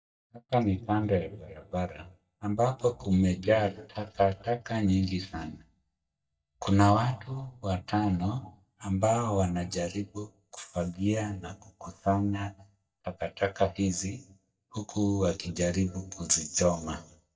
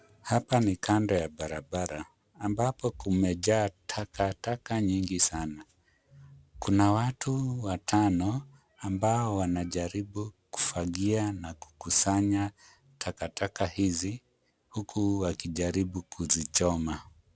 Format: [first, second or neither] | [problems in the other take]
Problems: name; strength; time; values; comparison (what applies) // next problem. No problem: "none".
second | noise reduction (neural mask model DeepFilterNet 3)